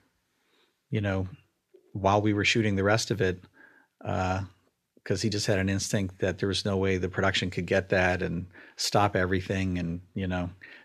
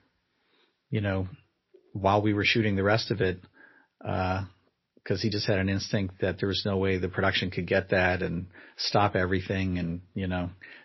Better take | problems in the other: first | garbled, watery; slightly; nothing above 5.5 kHz

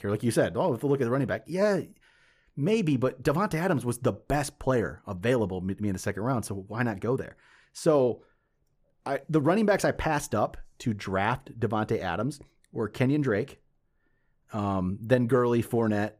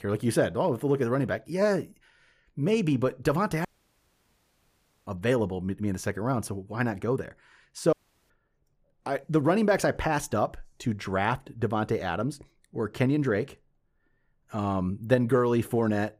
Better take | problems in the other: first | audio cutting out; at 3.5 s for 1.5 s and at 8 s

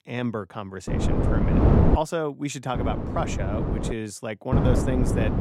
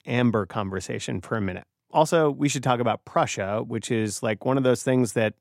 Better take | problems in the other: second | wind noise on the microphone; heavy; from 1 to 2 s, from 2.5 to 4 s and at 4.5 s; 1 dB above the speech

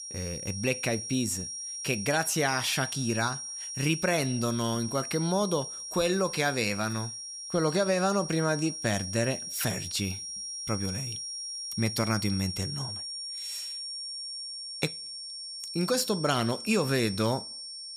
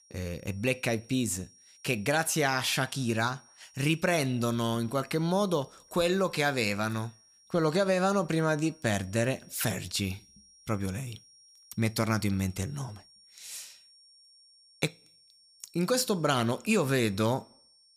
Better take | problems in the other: second | high-pitched whine; loud; throughout; 5.5 kHz, 6 dB below the speech; faint in the second

